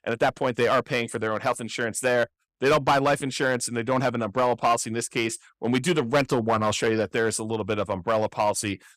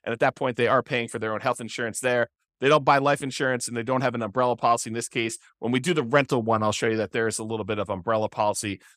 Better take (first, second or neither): second